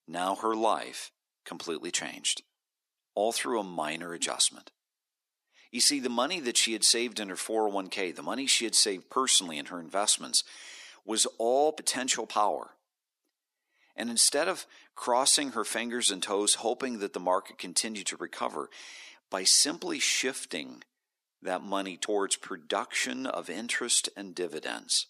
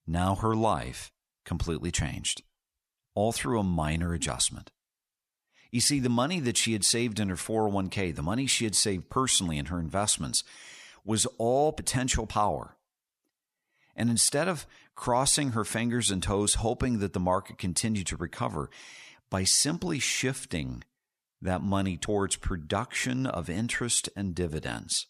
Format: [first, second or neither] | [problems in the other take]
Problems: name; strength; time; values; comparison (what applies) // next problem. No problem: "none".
second | thin; somewhat; fading below 300 Hz